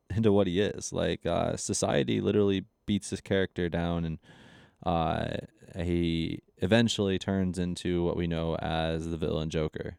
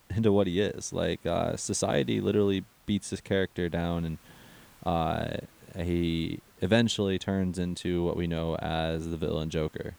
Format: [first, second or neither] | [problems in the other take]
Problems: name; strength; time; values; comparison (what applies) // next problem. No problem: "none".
first | hiss; faint; throughout; 30 dB below the speech